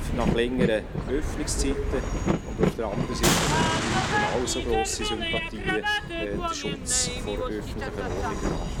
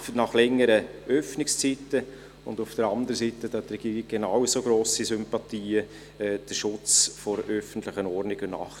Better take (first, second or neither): second